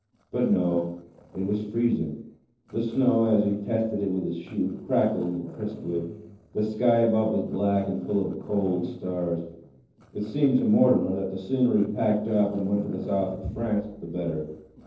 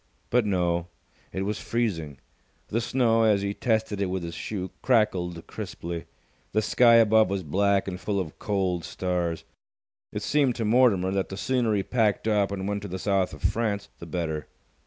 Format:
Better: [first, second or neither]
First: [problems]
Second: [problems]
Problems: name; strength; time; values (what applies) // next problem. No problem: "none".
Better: second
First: noise reduction (neural separator model SepFormer DNS4)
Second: none